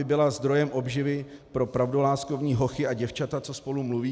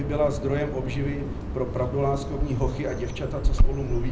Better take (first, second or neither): first